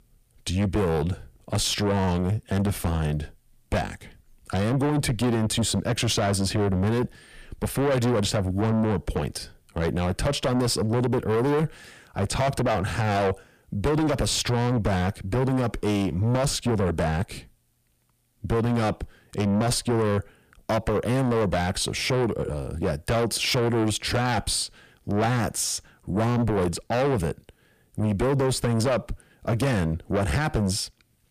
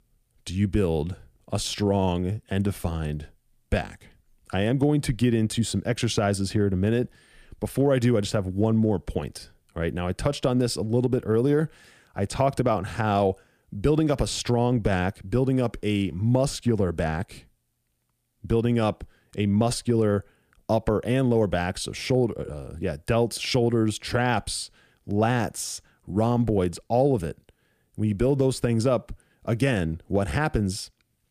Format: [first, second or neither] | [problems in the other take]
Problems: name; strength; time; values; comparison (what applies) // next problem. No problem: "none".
second | distortion; heavy; 6 dB below the speech